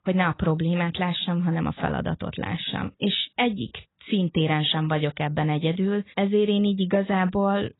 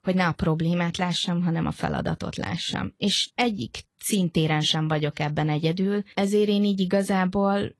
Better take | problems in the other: second | garbled, watery; badly; nothing above 4 kHz; slightly in the second

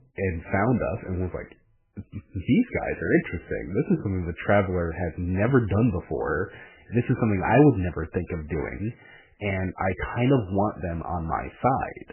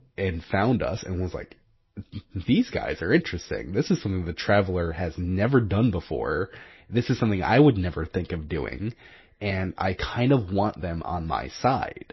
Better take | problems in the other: second | garbled, watery; badly; nothing above 3 kHz; slightly in the second

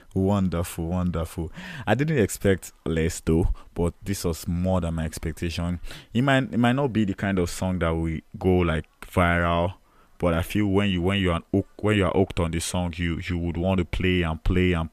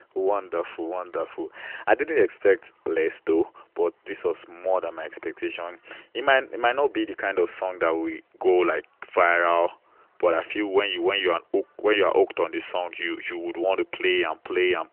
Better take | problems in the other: first | phone-call audio; nothing above 3 kHz

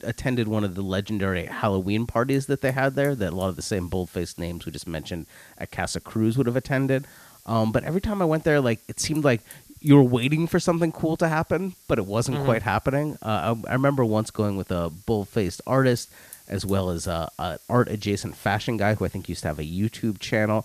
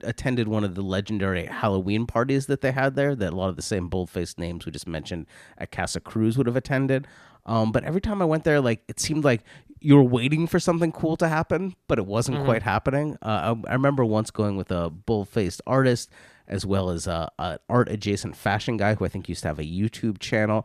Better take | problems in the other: second | hiss; faint; throughout; 25 dB below the speech

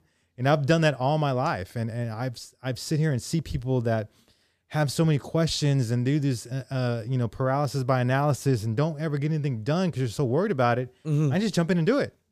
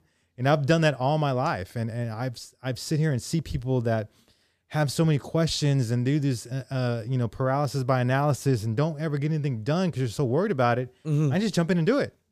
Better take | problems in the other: neither | none

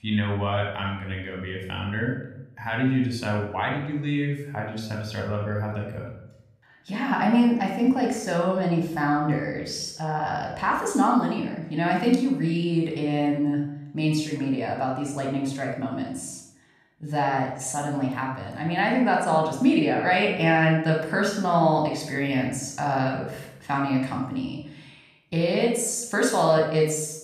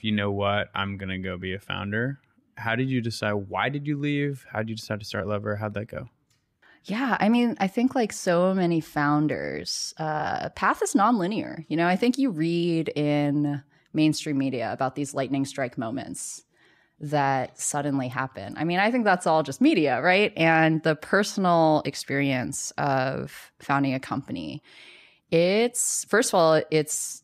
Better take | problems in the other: second | off-mic speech; somewhat distant // room echo; noticeable; dies away in 0.6 s

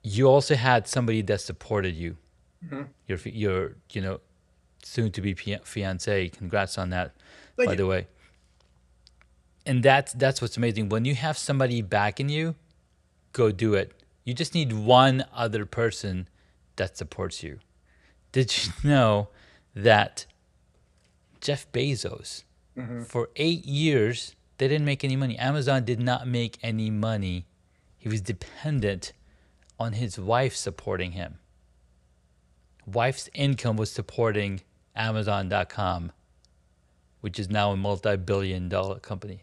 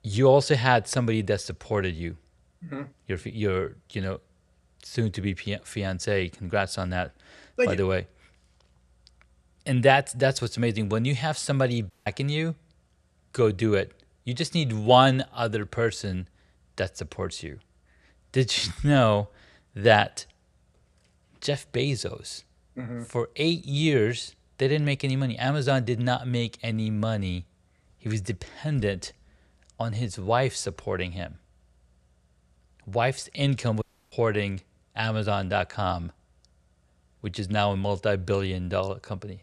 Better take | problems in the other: first | audio cutting out; at 12 s and at 34 s

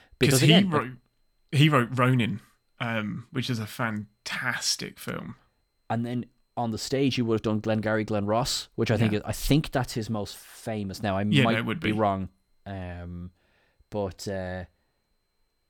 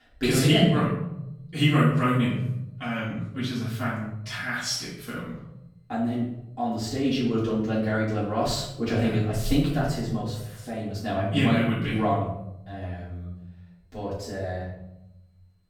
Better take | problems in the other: first | off-mic speech; far // room echo; noticeable; dies away in 0.9 s

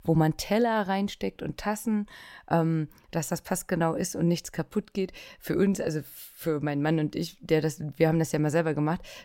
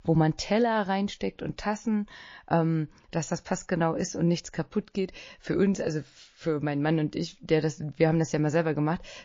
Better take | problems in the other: first | garbled, watery; slightly

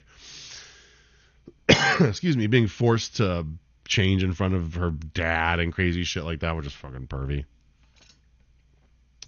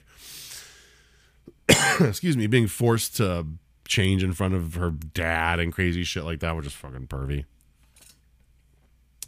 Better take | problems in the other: second | garbled, watery; slightly; nothing above 6.5 kHz

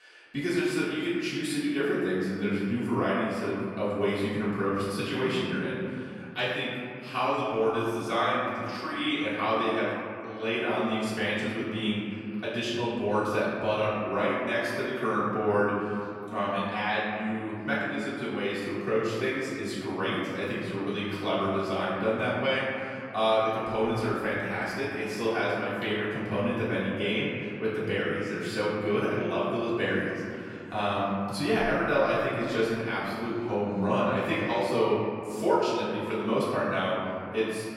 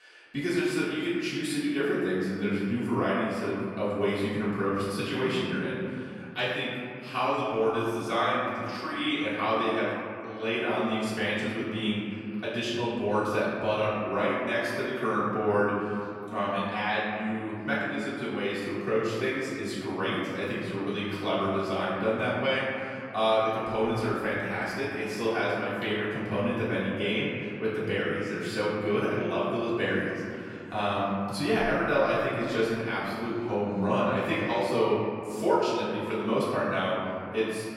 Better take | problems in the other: neither | off-mic speech; far; the same in both // room echo; strong; dies away in 2.6 s; the same in both

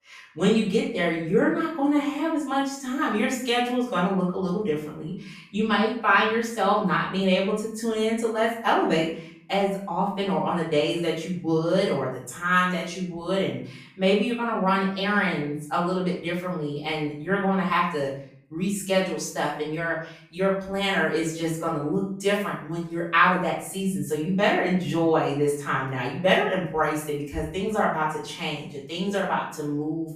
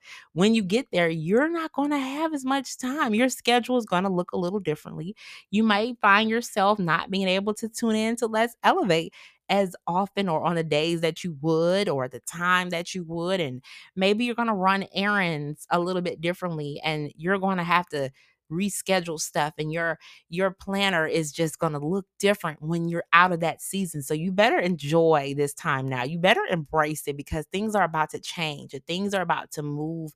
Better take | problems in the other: second | off-mic speech; far // room echo; noticeable; dies away in 0.5 s

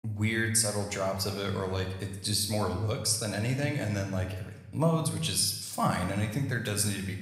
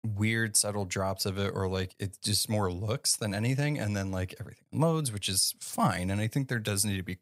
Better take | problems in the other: second | room echo; slight; dies away in 0.9 s

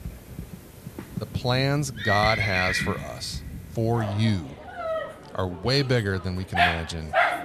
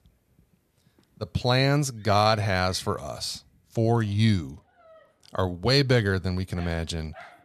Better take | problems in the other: second | animal sounds; loud; throughout; 2 dB below the speech; faint in the second

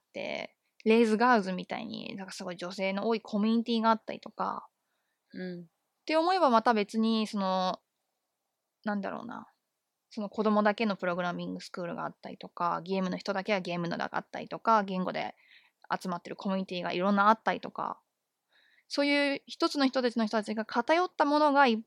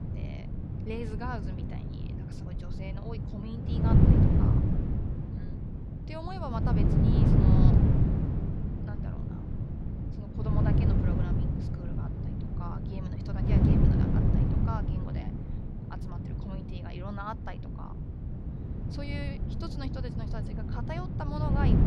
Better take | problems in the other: first | wind noise on the microphone; heavy; 3 dB above the speech

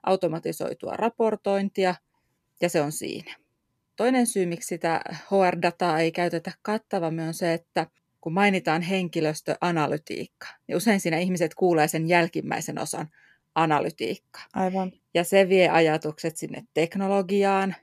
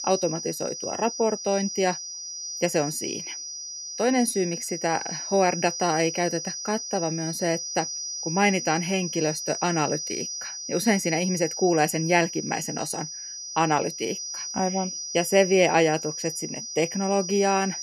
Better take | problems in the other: first | high-pitched whine; loud; throughout; 6 kHz, 6 dB below the speech

